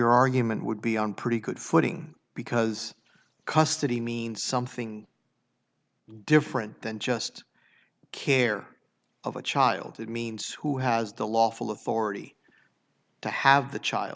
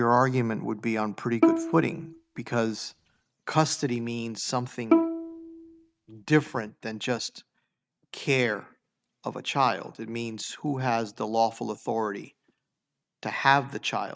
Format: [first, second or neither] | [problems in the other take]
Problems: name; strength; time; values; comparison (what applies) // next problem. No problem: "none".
first | noise reduction (neural mask model RNNoise)